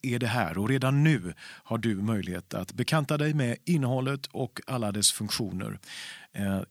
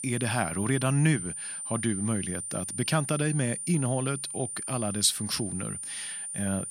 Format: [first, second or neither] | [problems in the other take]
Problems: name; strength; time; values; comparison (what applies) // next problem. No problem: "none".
first | high-pitched whine; loud; throughout; 9 kHz, 5 dB below the speech